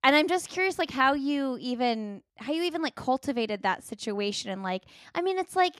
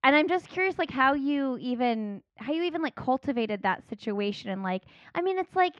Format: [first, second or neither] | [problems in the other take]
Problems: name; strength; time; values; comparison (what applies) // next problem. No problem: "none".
first | muffled; slightly; fading above 2.5 kHz